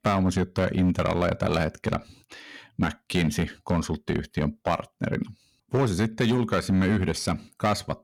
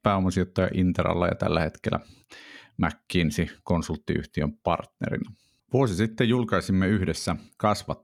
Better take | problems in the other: second | distortion; slight; 5% of the sound clipped

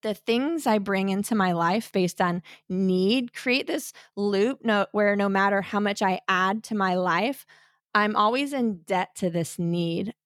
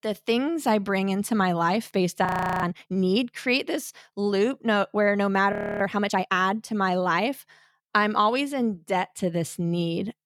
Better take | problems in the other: first | audio freezing; at 2.5 s and at 5.5 s

